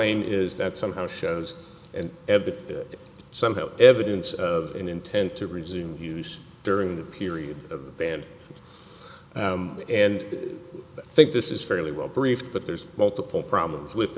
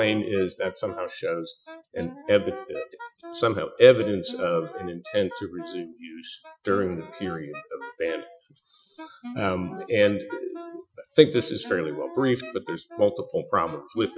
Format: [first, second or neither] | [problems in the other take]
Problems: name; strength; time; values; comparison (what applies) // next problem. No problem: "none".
first | noise reduction (classical method Wiener filter)